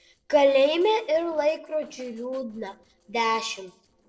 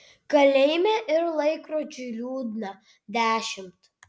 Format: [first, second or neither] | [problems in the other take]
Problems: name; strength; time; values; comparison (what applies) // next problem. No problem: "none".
second | noise reduction (neural separator model SepFormer DNS4)